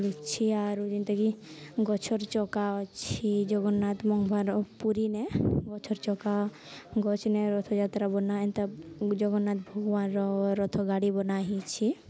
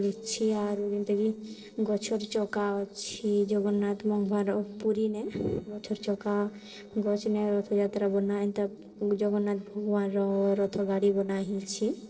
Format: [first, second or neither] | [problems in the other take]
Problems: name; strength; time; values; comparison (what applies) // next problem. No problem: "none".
first | noise reduction (neural separator model SepFormer DNS4)